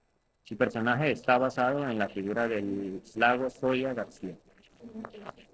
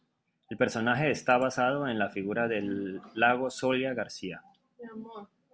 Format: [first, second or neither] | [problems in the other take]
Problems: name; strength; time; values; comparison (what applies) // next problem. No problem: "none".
second | noise reduction (neural separator model SepFormer DNS4)